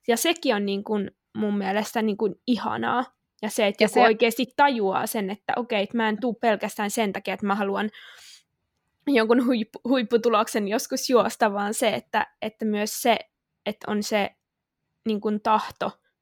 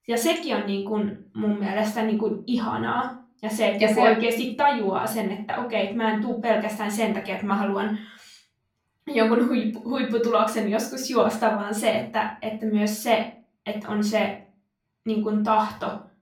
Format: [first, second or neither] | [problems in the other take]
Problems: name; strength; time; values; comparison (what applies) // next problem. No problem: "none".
first | off-mic speech; far // room echo; slight; dies away in 0.3 s